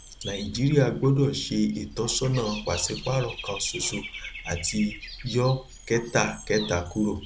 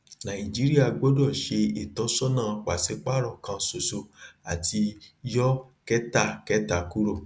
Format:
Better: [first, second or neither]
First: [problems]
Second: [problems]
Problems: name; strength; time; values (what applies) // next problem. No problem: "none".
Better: second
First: background sound (Bird / Dog); 13 dB below the speech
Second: none